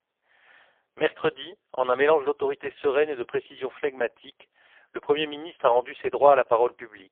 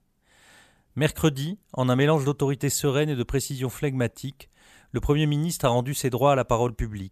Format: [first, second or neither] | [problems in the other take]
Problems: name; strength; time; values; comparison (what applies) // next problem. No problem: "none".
second | phone-call audio; poor line; nothing above 3.5 kHz